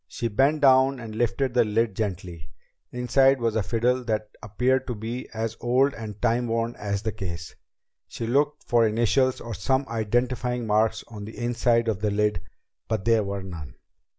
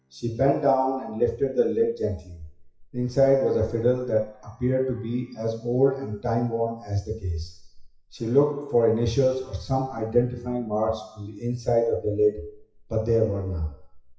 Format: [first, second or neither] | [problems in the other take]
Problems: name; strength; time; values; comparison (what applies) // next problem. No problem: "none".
first | noise reduction (classical method WPE with log-MMSE)